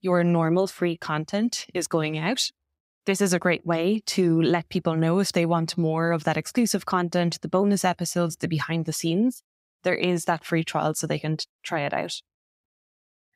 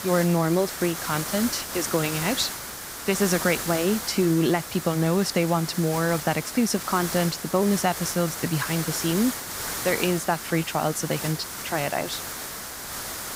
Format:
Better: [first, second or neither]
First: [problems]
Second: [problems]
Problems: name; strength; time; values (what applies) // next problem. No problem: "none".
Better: first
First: none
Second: hiss; loud; throughout; 6 dB below the speech